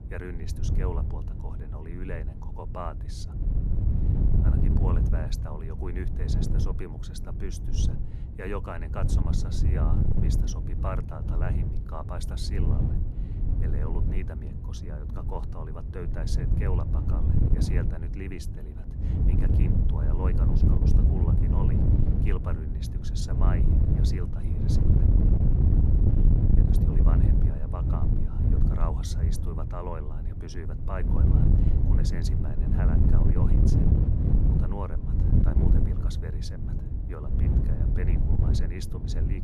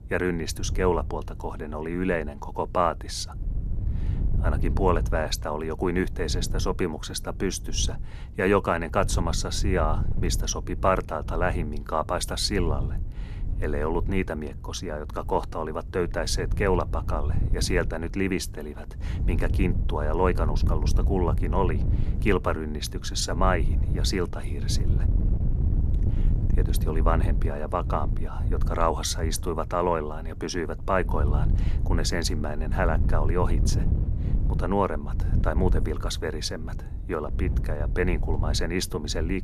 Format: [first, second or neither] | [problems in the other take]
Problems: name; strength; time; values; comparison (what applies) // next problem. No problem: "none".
second | wind noise on the microphone; heavy; 2 dB above the speech; occasional gusts in the second